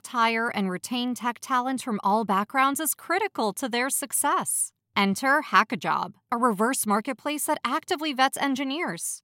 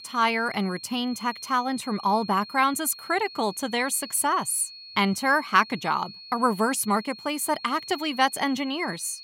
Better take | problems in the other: first | high-pitched whine; noticeable; throughout; 4.5 kHz, 15 dB below the speech

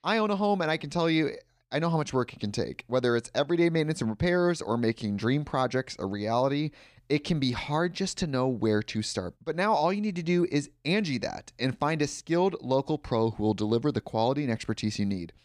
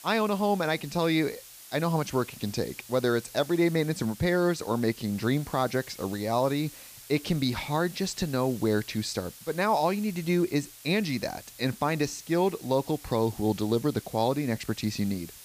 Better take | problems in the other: first | hiss; noticeable; throughout; 15 dB below the speech

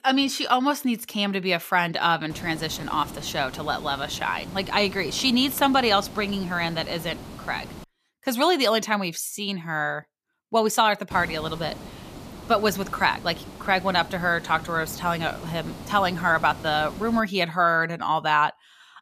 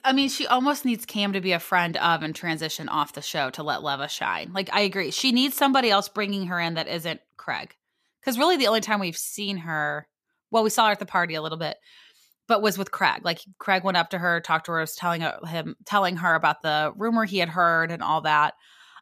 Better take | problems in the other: second | hiss; noticeable; from 2.5 to 8 s and from 11 to 17 s; 15 dB below the speech

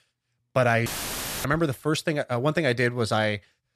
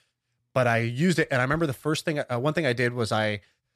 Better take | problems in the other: second | audio cutting out; filled with static; at 1 s for 0.5 s

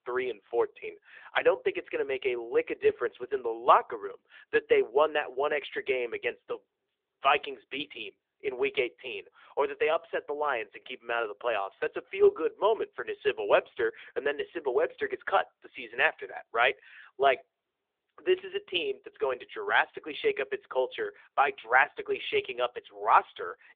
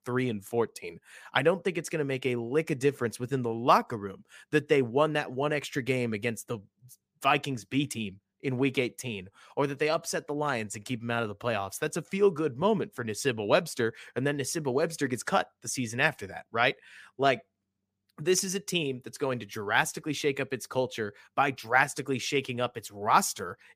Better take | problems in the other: second | phone-call audio

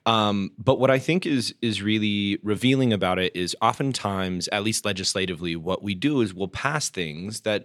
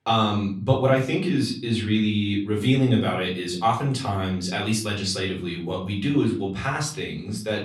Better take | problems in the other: first | off-mic speech; far // room echo; slight; dies away in 0.5 s

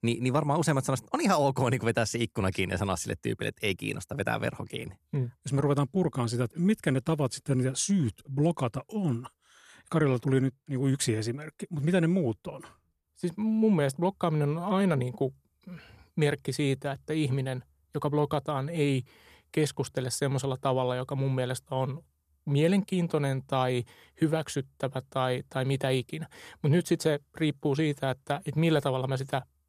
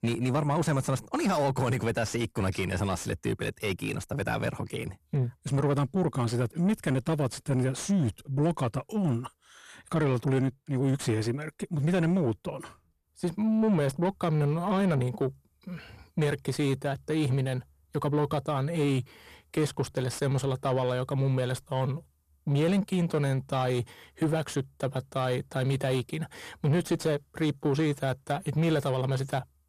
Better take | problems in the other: first | distortion; slight; 10 dB below the speech

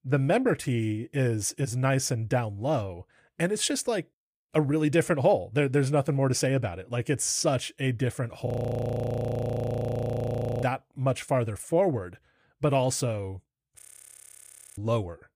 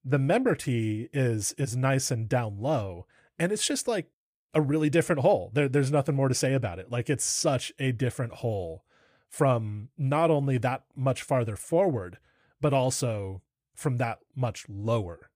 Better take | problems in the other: second | audio freezing; at 8.5 s for 2 s and at 14 s for 1 s

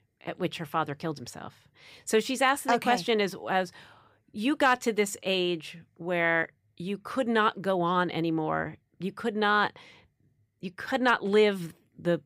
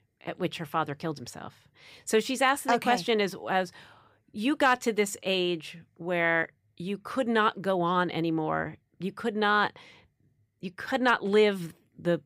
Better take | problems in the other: neither | none

